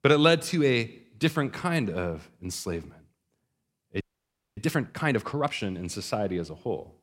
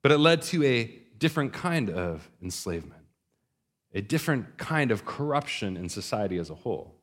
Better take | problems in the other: second | audio freezing; at 4 s for 0.5 s

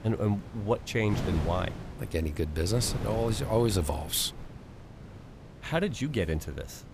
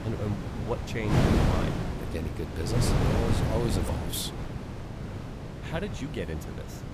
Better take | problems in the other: first | wind noise on the microphone; heavy; 1 dB above the speech; occasional gusts in the first

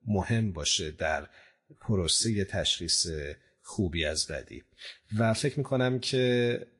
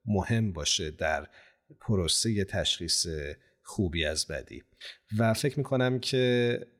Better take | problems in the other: second | garbled, watery; slightly; nothing above 10 kHz

